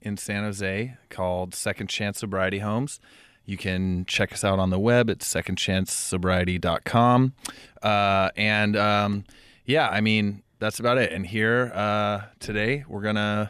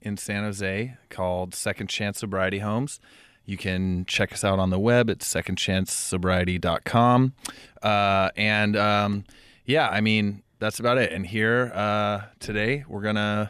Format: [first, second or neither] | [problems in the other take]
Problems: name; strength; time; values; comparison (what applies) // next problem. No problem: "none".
neither | none